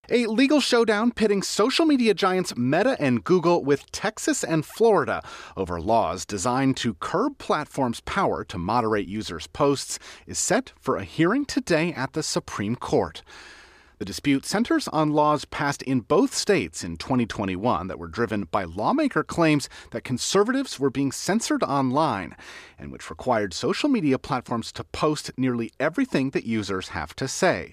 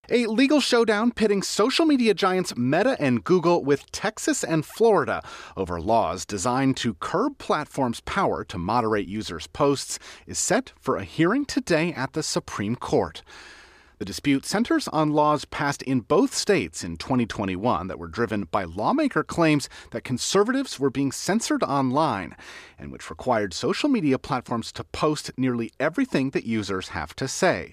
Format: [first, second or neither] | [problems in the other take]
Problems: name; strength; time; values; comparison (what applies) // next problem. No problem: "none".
neither | none